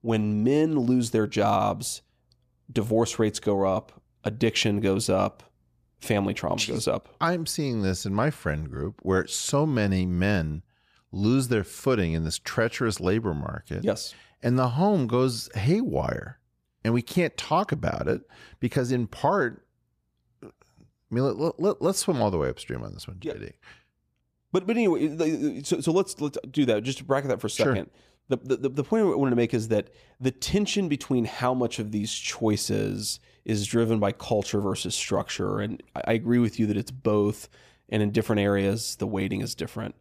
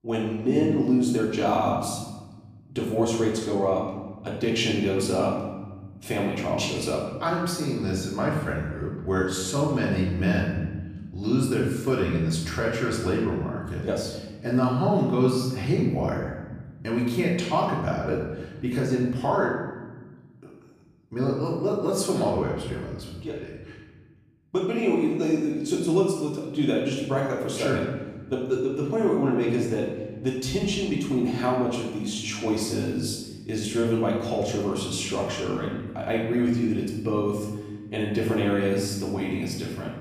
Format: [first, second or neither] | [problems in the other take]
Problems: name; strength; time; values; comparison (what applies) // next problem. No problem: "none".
first | off-mic speech; far // room echo; noticeable; dies away in 1.1 s